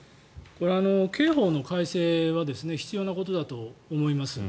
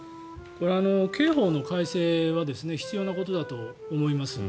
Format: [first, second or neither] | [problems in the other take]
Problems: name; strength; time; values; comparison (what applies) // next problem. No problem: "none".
first | background sound (Wind instrument, woodwind instrument); 14 dB below the speech